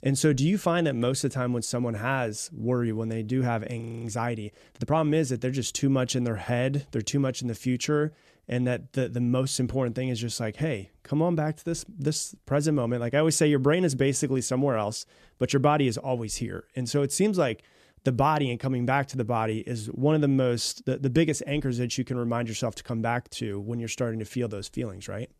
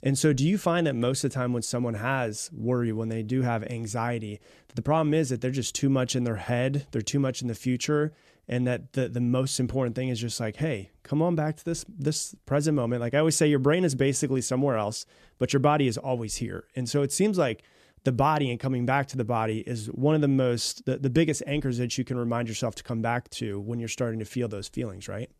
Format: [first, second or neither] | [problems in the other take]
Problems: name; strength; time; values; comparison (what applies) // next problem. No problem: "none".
second | audio freezing; at 4 s